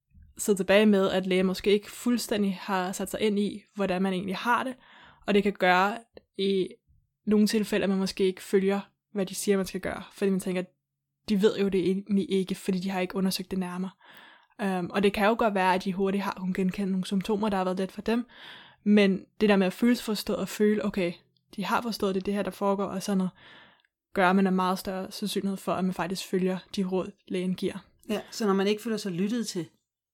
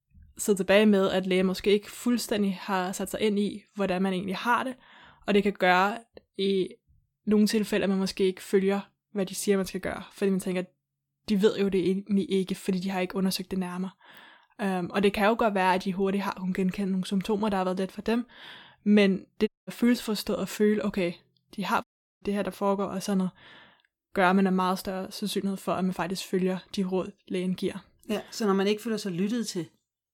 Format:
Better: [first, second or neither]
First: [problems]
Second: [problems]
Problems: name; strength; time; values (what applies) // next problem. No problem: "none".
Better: first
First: none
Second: audio cutting out; at 19 s and at 22 s